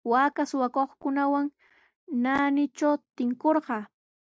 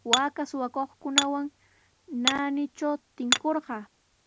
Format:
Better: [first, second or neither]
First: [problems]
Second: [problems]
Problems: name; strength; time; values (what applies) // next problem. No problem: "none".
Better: first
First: none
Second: background sound (Hammer); 2 dB below the speech